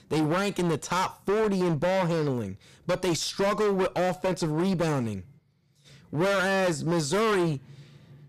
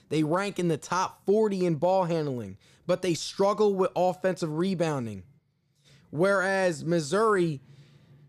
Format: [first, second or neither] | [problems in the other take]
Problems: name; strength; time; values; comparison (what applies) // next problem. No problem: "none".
second | distortion; heavy; 22% of the sound clipped